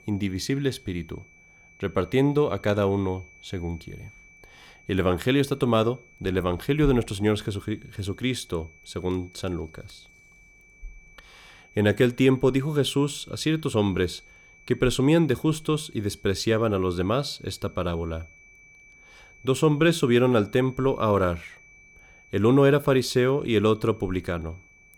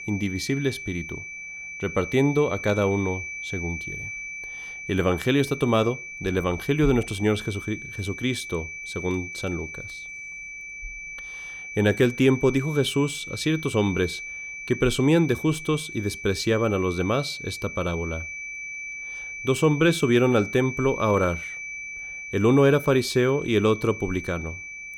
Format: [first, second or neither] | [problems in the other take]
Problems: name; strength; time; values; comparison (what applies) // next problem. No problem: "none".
first | high-pitched whine; loud; throughout; 2.5 kHz, 10 dB below the speech; faint in the first